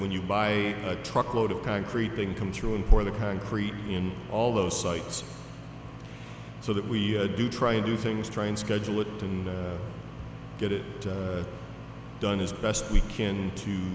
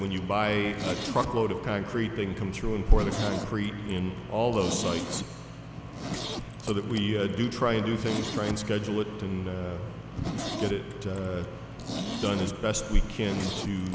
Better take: first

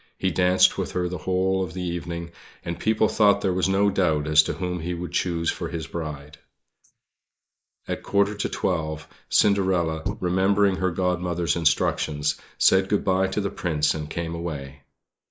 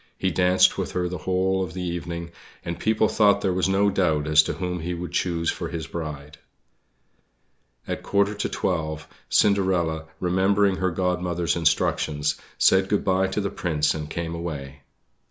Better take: second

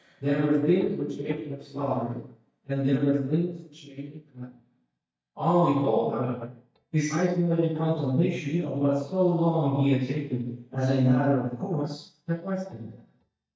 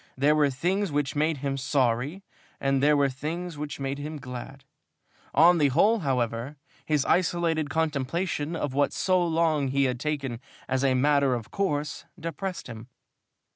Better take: second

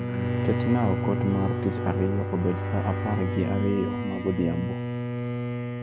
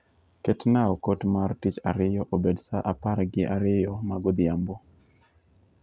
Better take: second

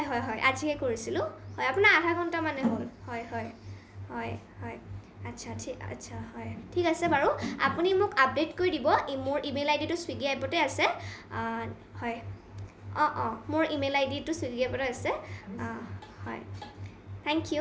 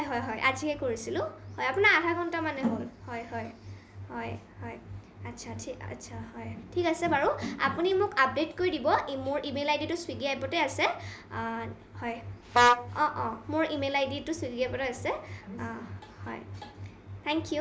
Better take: first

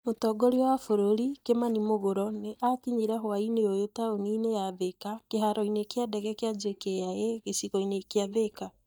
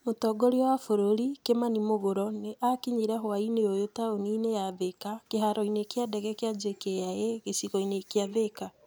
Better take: second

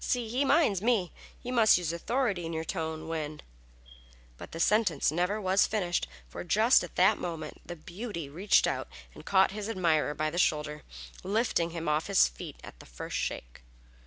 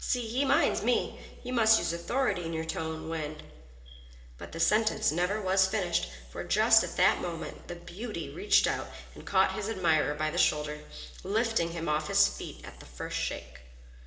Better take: first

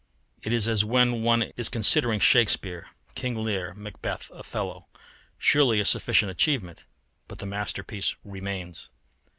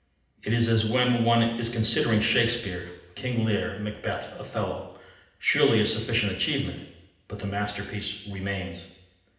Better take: first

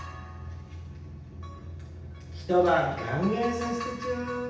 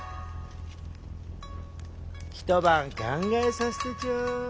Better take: second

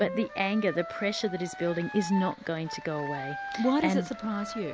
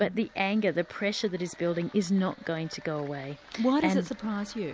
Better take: second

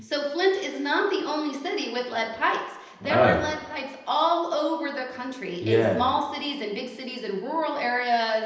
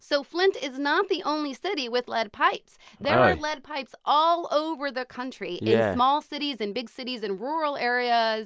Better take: second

